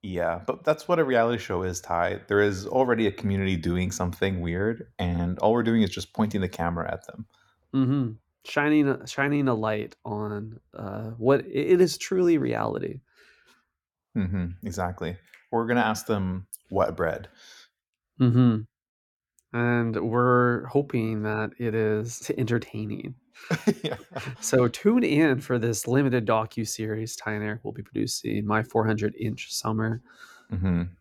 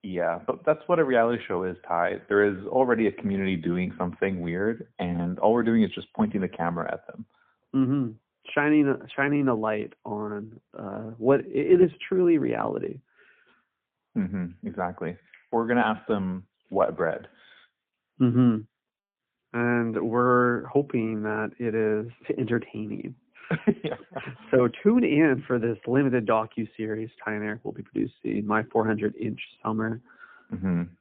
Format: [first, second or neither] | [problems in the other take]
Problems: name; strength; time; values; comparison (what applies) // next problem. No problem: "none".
first | phone-call audio; poor line